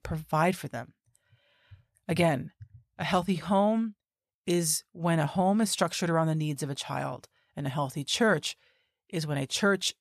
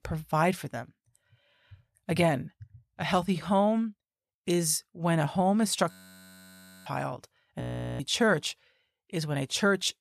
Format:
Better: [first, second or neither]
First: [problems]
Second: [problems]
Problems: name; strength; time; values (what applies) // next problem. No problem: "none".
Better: first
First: none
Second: audio freezing; at 6 s for 1 s and at 7.5 s